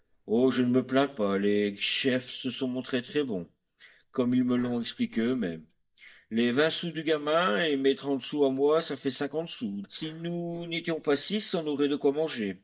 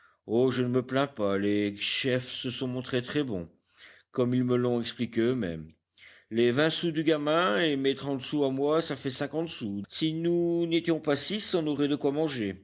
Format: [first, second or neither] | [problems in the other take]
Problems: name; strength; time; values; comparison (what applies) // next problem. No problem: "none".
second | noise reduction (neural mask model DeepFilterNet 3)